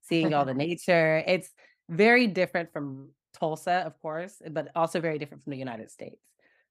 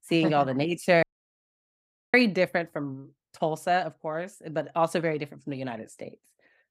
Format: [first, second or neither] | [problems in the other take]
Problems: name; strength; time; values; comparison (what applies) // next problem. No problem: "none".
first | audio cutting out; at 1 s for 1 s